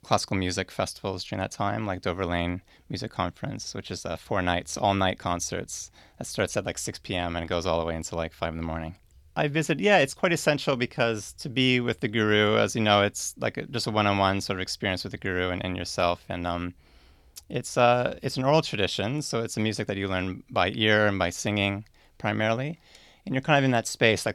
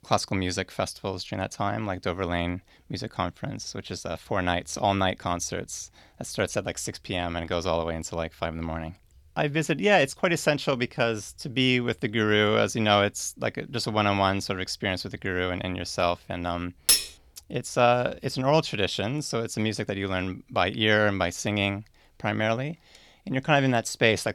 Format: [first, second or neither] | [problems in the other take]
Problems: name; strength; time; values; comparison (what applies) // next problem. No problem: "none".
first | clattering dishes; loud; at 17 s; peak 6 dB above the speech